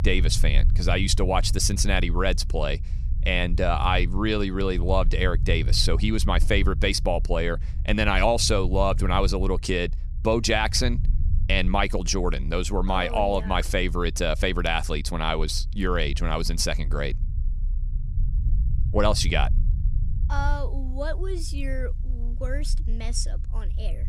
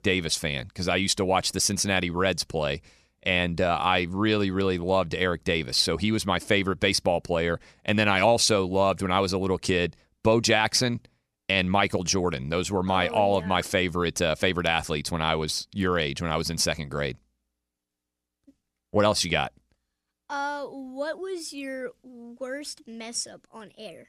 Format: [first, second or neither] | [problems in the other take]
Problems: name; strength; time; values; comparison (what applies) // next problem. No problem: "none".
second | low rumble; faint; throughout; 20 dB below the speech